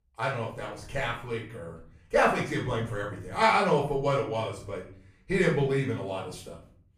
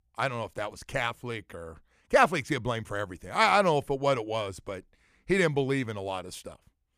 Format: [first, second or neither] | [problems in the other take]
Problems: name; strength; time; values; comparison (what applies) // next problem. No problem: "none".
second | off-mic speech; far // room echo; slight; dies away in 0.6 s